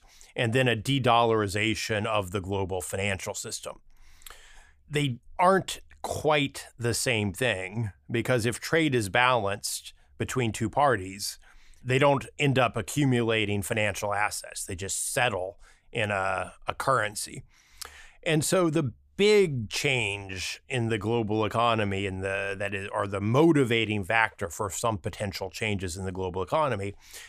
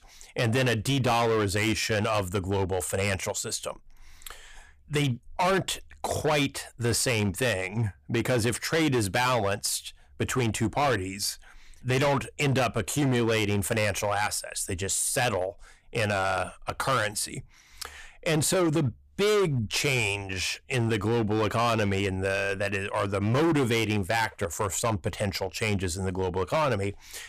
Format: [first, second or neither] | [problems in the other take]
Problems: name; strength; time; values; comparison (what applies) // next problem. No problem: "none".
first | distortion; heavy; 12% of the sound clipped